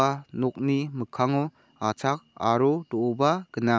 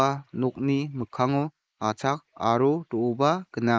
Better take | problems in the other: first | noise reduction (neural mask model Resemble Enhance denoiser)

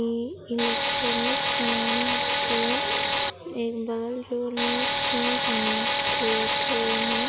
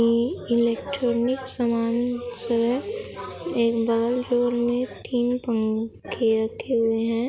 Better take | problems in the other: second | background sound (Tools); 5 dB above the speech

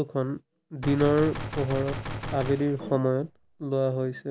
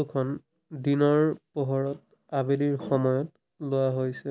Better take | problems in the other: second | background sound (Gunshot, gunfire); 9 dB below the speech

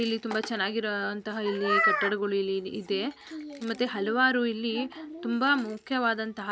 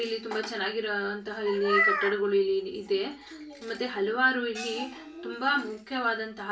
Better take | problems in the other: first | background sound (Gong); 16 dB below the speech // room echo; dies away in 0.3 s

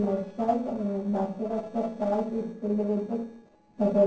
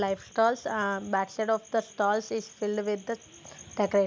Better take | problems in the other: second | noise reduction (neural separator model SepFormer DNS4)

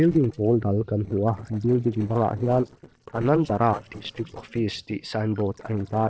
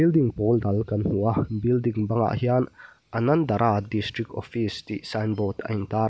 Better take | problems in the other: second | noise reduction (neural separator model SepFormer DNS4)

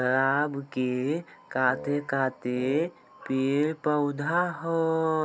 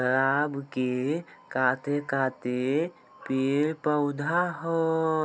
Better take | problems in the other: second | background sound (Wind instrument, woodwind instrument); 15 dB below the speech

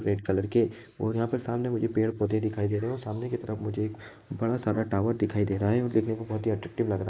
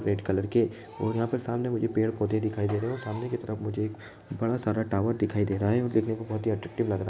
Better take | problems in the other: second | noise reduction (neural mask model Resemble Enhance denoiser)

